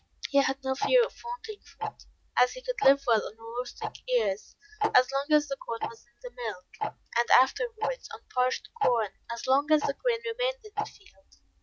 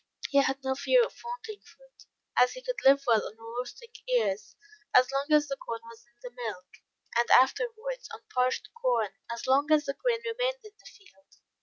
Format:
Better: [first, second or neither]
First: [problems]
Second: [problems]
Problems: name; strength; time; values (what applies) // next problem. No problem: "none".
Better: second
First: background sound (Tick-tock); 10 dB below the speech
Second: none